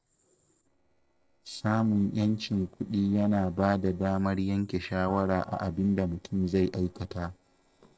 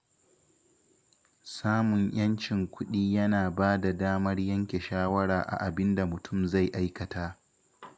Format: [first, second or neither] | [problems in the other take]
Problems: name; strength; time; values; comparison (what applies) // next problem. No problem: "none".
second | noise reduction (neural separator model SepFormer DNS4)